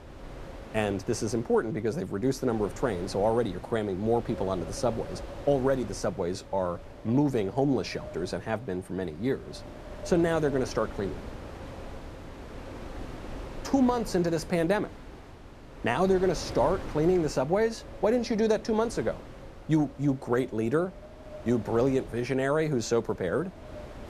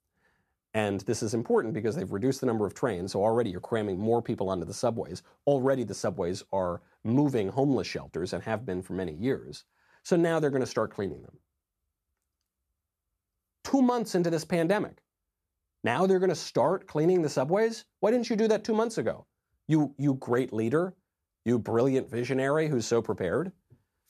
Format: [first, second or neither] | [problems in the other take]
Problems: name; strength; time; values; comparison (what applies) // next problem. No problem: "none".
second | wind noise on the microphone; occasional gusts; 15 dB below the speech